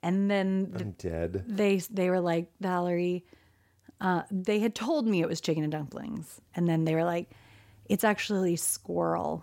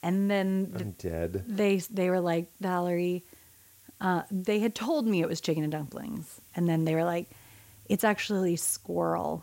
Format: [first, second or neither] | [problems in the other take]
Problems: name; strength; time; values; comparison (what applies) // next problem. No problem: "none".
first | hiss; faint; throughout; 25 dB below the speech